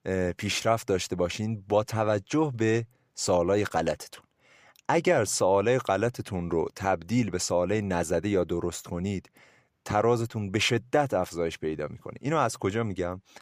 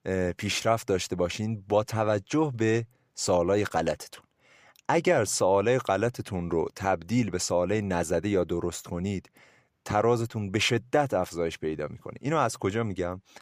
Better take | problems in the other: neither | none

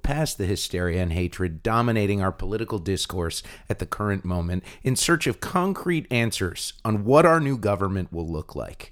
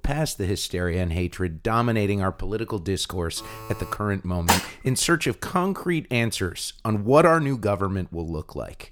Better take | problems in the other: first | alarm; faint; at 3.5 s; peak 15 dB below the speech // clattering dishes; loud; at 4.5 s; peak 2 dB above the speech

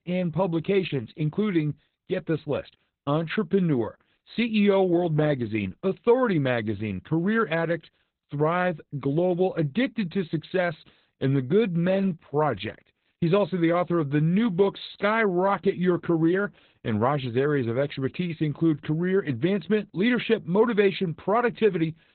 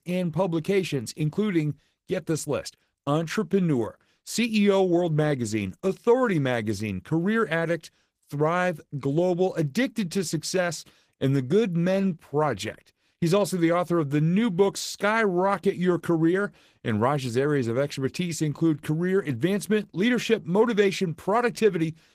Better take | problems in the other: second | garbled, watery; badly; nothing above 4 kHz; slightly in the second

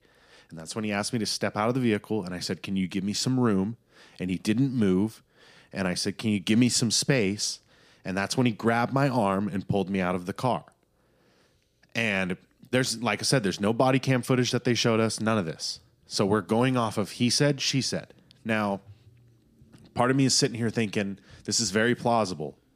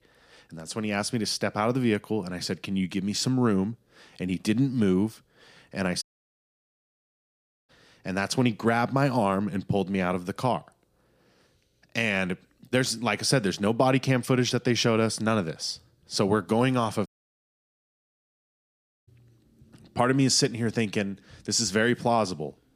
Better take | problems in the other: first | audio cutting out; at 6 s for 1.5 s and at 17 s for 2 s

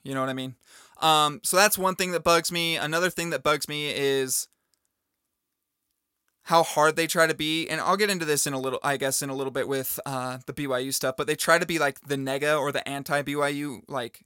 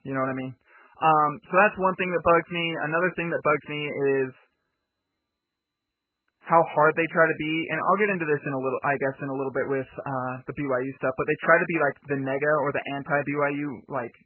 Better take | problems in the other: first | garbled, watery; badly; nothing above 3 kHz

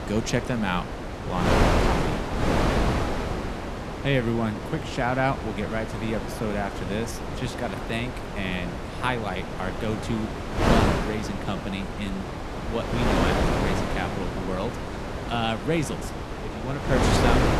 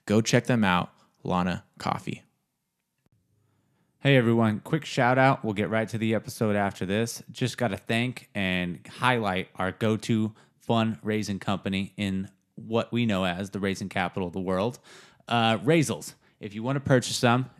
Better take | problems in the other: second | wind noise on the microphone; heavy; 1 dB above the speech

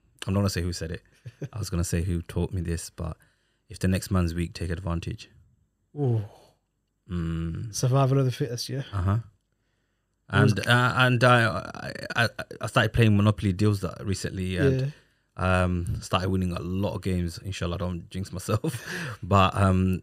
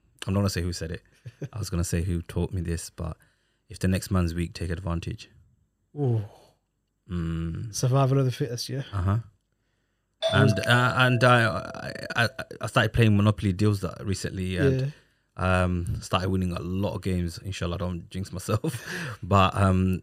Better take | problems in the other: first | doorbell; noticeable; from 10 to 12 s; peak 2 dB below the speech

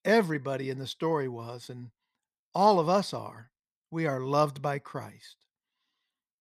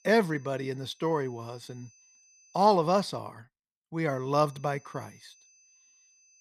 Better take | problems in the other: first | high-pitched whine; faint; until 2.5 s and from 4 s on; 6 kHz, 30 dB below the speech

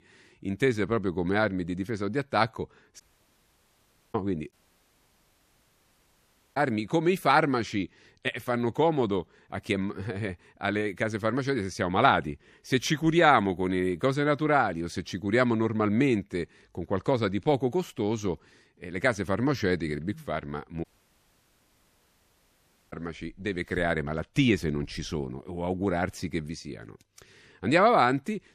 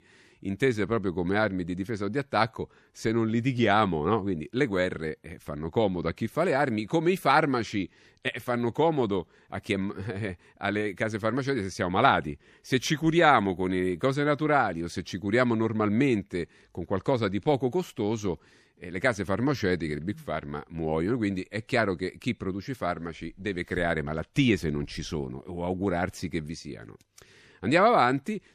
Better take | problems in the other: second | audio cutting out; at 3 s for 1 s, at 4.5 s for 2 s and at 21 s for 2 s

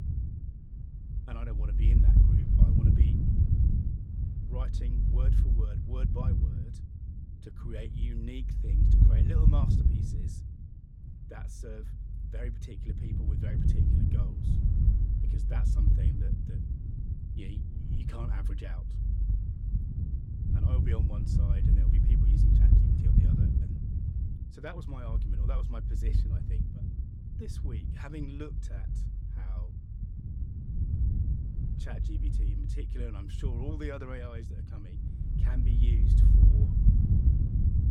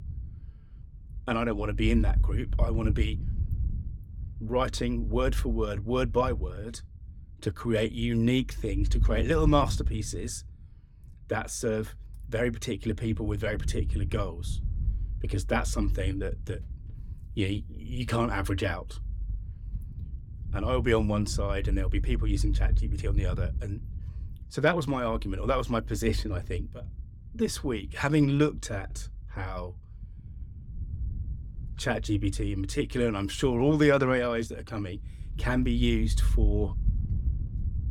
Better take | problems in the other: second | wind noise on the microphone; heavy; 3 dB above the speech; occasional gusts in the second

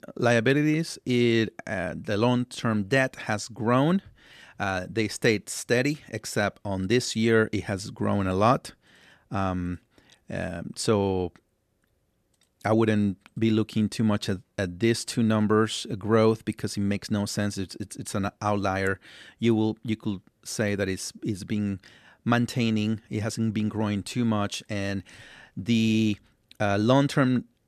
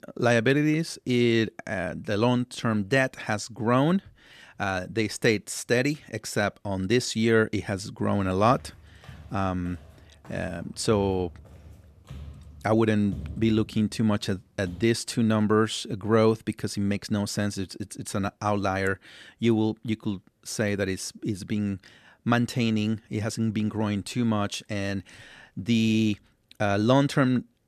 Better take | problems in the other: first | footsteps; faint; from 8.5 to 15 s; peak 10 dB below the speech

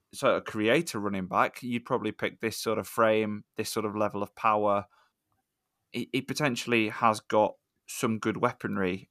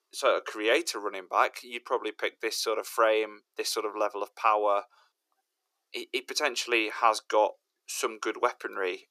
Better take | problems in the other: first | thin; very; fading below 350 Hz

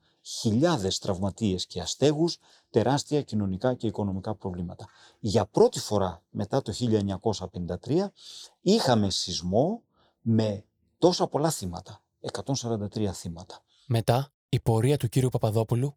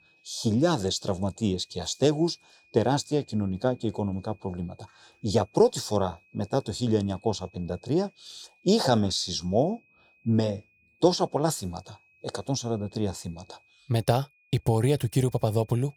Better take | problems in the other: first | high-pitched whine; faint; throughout; 2.5 kHz, 35 dB below the speech

